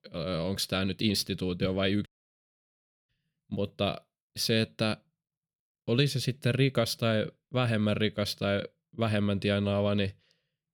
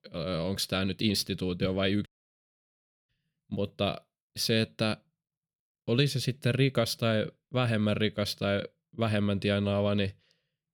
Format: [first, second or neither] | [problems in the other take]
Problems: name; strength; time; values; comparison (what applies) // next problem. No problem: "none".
neither | audio cutting out; at 2 s for 1 s; the same in both